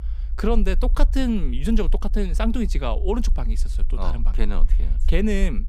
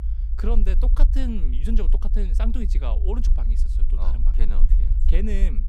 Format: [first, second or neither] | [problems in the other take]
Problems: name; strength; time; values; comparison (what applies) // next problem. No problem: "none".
first | low rumble; loud; throughout; 9 dB below the speech; faint in the first